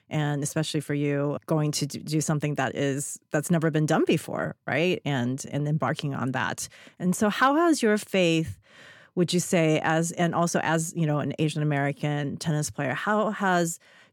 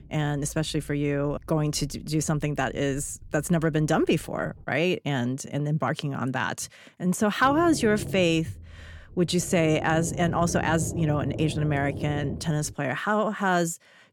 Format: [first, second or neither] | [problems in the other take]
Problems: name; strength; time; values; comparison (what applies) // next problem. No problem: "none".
first | low rumble; noticeable; until 4.5 s and from 7.5 to 13 s; 15 dB below the speech